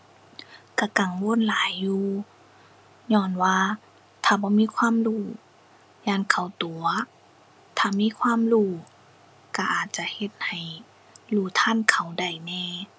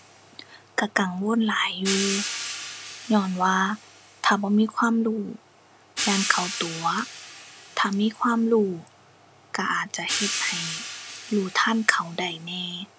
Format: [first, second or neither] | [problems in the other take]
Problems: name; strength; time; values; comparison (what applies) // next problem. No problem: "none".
first | background sound (Hi-hat); 9 dB below the speech